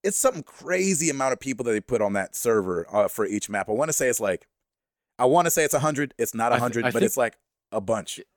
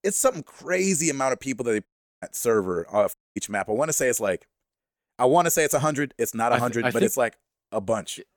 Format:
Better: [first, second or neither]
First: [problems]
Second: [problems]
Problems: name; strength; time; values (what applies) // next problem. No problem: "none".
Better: first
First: none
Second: audio cutting out; at 2 s and at 3 s